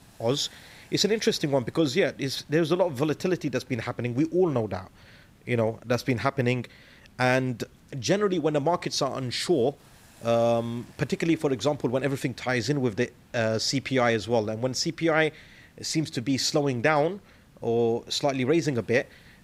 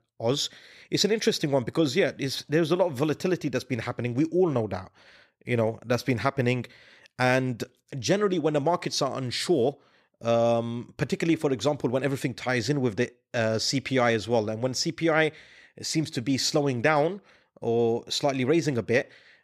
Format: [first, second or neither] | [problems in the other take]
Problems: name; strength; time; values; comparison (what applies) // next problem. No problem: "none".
second | hiss; faint; throughout; 30 dB below the speech